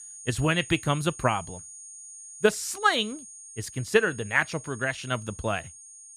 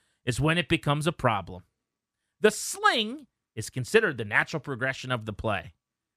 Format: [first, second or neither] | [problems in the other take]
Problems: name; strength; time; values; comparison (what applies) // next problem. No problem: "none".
second | high-pitched whine; noticeable; throughout; 6.5 kHz, 15 dB below the speech